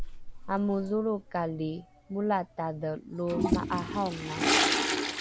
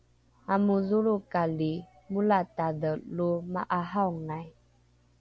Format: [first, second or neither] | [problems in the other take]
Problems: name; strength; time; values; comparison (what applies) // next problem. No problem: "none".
second | background sound (Toilet flush); as loud as the speech